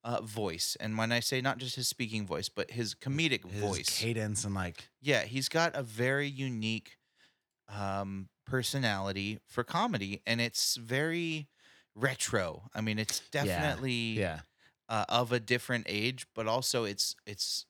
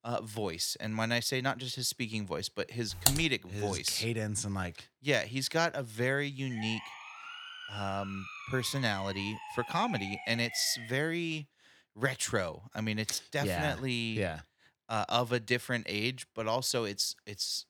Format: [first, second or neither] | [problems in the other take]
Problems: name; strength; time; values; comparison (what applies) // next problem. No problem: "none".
first | keyboard typing; loud; at 3 s; peak 4 dB above the speech // siren; noticeable; from 6.5 to 11 s; peak 8 dB below the speech